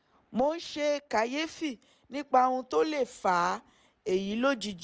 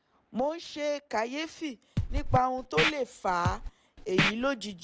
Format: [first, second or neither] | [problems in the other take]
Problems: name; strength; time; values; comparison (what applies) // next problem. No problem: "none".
first | background sound (Scratching (performance technique)); as loud as the speech